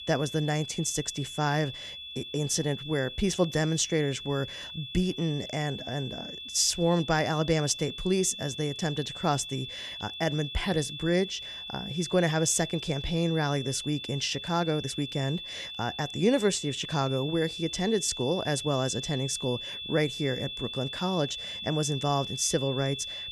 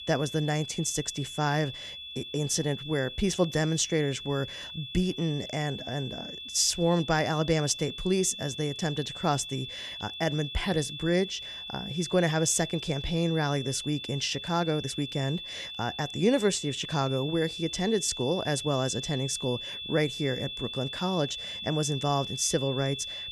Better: neither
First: high-pitched whine; loud; throughout; 3.5 kHz, 8 dB below the speech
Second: high-pitched whine; loud; throughout; 3.5 kHz, 8 dB below the speech

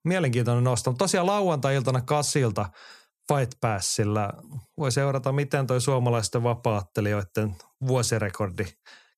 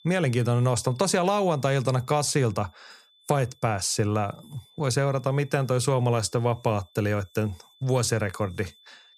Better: first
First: none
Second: high-pitched whine; faint; throughout; 3.5 kHz, 30 dB below the speech

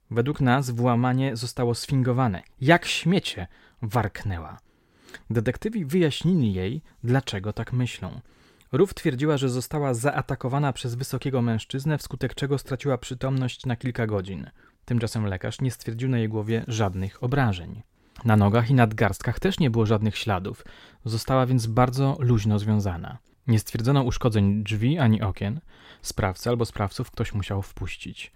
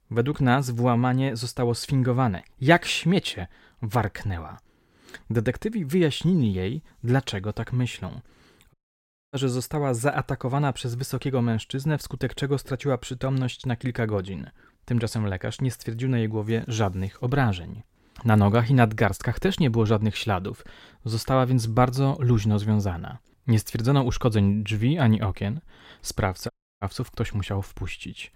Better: first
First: none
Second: audio cutting out; at 8.5 s for 0.5 s and at 27 s

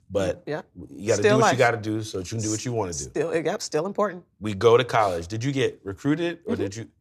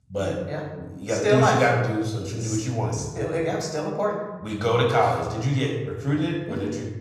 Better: first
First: none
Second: off-mic speech; somewhat distant // room echo; noticeable; dies away in 1.1 s

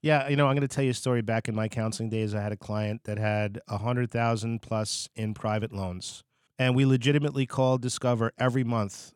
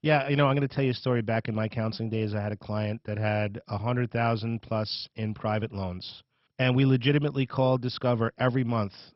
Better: first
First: none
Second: garbled, watery; badly; nothing above 5.5 kHz

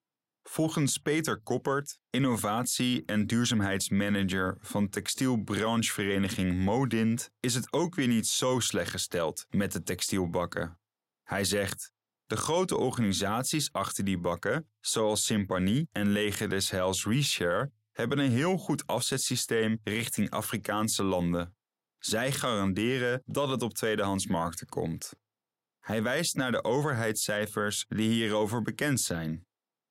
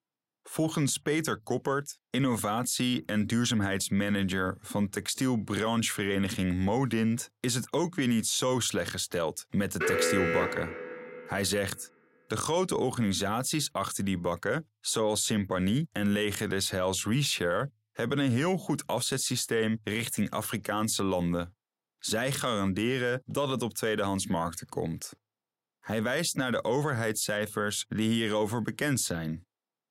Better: first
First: none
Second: alarm; loud; from 10 to 11 s; peak 2 dB above the speech

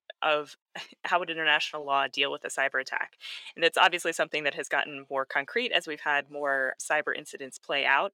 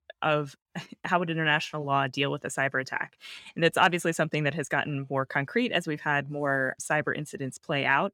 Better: second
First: thin; somewhat; fading below 500 Hz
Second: none

